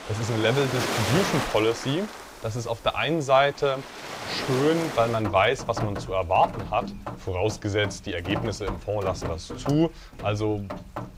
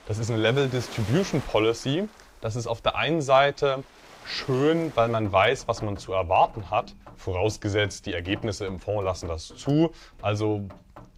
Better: second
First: rain or running water; loud; throughout; 8 dB below the speech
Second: rain or running water; faint; throughout; 20 dB below the speech

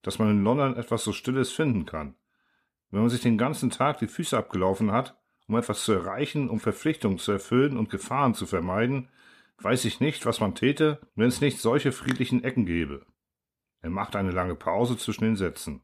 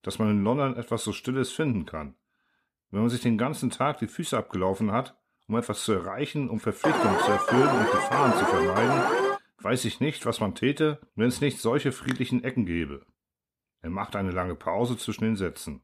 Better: first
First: none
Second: alarm; loud; from 7 to 9.5 s; peak 5 dB above the speech

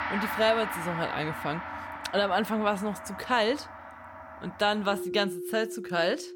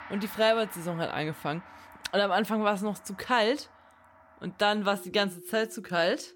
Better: second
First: background music; loud; throughout; 8 dB below the speech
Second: background music; faint; throughout; 20 dB below the speech

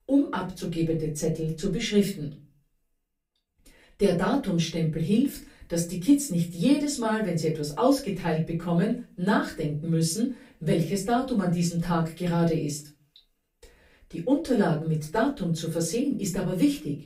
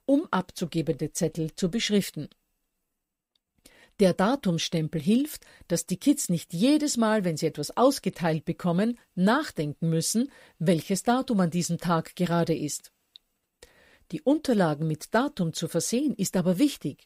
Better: second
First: off-mic speech; far // room echo; very slight; dies away in 0.3 s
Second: none

